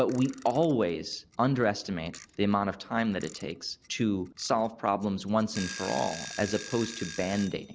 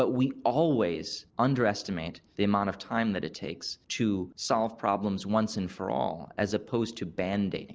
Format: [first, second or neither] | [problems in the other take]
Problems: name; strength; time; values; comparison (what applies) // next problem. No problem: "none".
second | background sound (Alarm / Clock); 16 dB below the speech